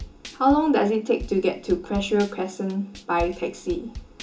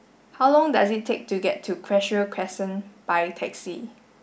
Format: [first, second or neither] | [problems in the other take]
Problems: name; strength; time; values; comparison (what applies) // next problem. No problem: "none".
second | background sound (Drum / Drum kit); 15 dB below the speech // room echo; dies away in 0.2 s